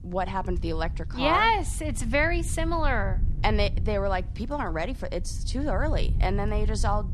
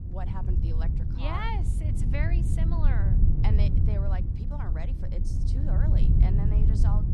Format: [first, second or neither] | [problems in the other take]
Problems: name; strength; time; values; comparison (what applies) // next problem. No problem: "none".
first | wind noise on the microphone; heavy; 1 dB below the speech; occasional gusts in the first